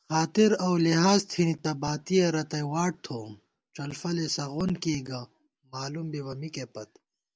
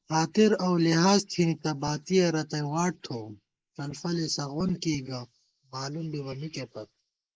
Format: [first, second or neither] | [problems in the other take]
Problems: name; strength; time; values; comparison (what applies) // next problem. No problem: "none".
first | noise reduction (neural mask model Resemble Enhance denoiser)